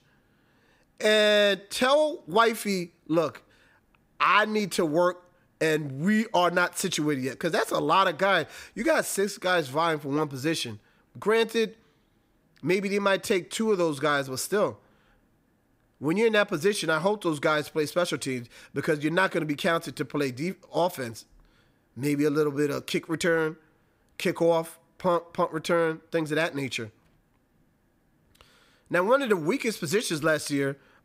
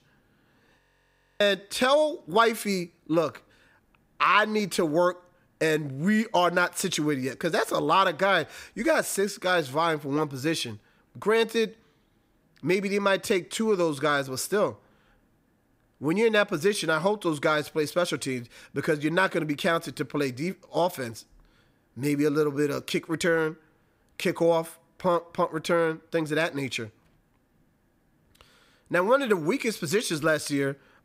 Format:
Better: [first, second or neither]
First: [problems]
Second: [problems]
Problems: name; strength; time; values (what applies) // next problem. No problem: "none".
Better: first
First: none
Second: audio freezing; at 1 s for 0.5 s